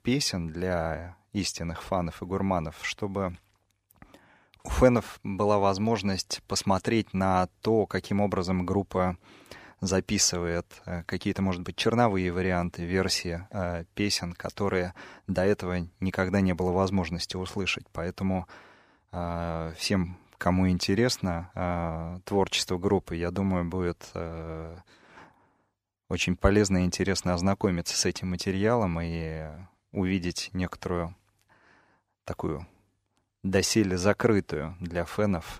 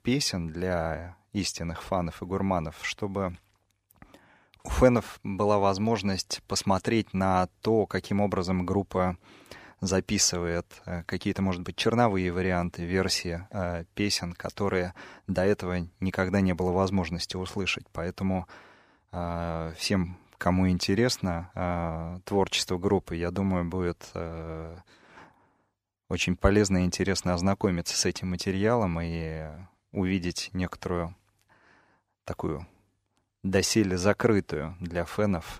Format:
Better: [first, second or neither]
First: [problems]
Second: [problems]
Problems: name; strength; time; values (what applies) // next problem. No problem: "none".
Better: neither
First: none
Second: none